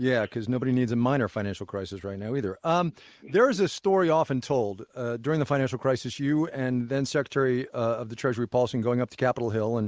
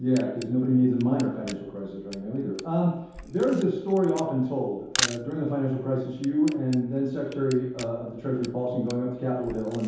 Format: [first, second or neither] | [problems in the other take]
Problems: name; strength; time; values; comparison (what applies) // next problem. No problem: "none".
first | background sound (Camera); 14 dB below the speech // room echo; dies away in 0.8 s